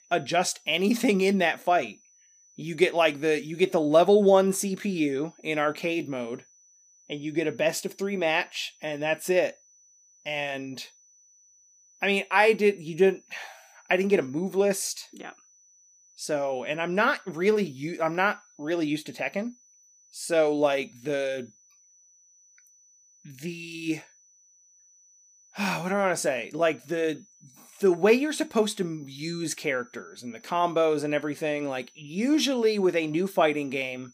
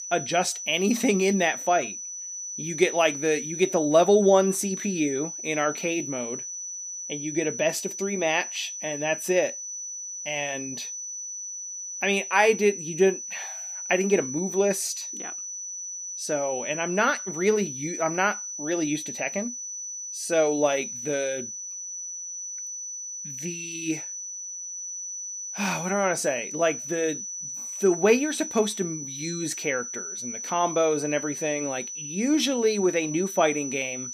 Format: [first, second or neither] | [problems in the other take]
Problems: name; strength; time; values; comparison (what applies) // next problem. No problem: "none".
first | high-pitched whine; loud; throughout; 6 kHz, 7 dB below the speech; faint in the first